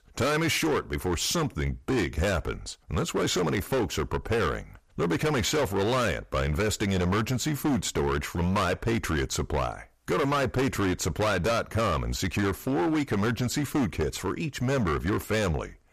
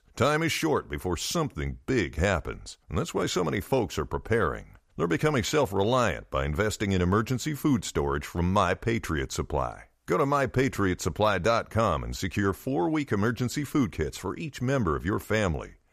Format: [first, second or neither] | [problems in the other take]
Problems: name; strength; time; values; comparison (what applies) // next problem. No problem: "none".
second | distortion; heavy; 18% of the sound clipped